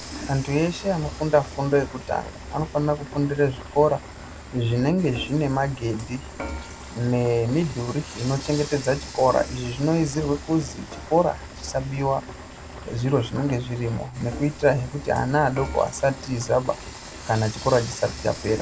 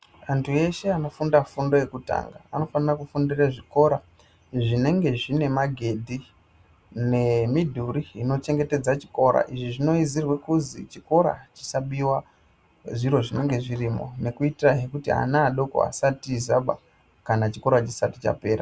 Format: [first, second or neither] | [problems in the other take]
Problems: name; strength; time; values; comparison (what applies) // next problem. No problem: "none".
second | background sound (Frying (food) / Dishes, pots, and pans); 13 dB below the speech